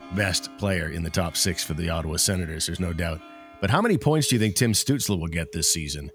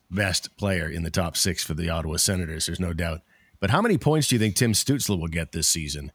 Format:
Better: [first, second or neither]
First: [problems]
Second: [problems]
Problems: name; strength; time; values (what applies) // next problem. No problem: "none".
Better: second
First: background music; faint; throughout; 20 dB below the speech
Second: none